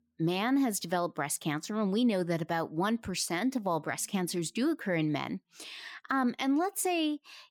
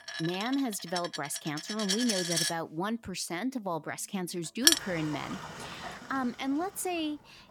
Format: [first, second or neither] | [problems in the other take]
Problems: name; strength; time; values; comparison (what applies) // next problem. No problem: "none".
first | household noises; very loud; throughout; 3 dB above the speech